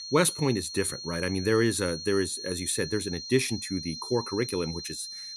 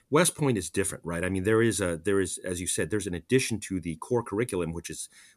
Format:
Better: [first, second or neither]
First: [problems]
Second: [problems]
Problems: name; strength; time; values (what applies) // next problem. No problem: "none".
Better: second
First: high-pitched whine; loud; throughout; 4.5 kHz, 8 dB below the speech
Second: none